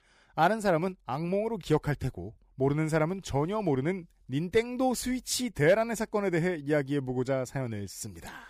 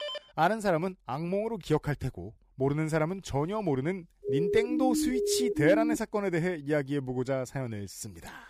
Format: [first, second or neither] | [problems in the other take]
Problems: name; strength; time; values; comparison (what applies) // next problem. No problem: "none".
first | phone ringing; noticeable; at the start; peak 7 dB below the speech // siren; loud; from 4 to 6 s; peak 2 dB above the speech